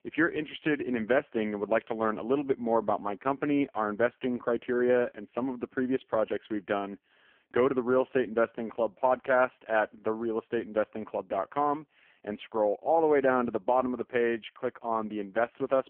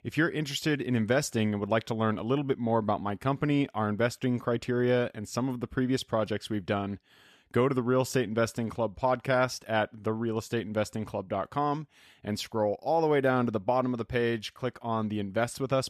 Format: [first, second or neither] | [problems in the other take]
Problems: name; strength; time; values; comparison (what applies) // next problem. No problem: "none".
second | phone-call audio; poor line